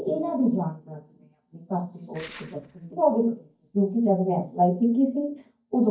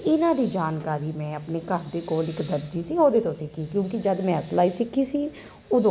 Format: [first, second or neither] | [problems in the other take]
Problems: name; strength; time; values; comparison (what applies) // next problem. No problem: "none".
second | noise reduction (neural mask model DeepFilterNet 3)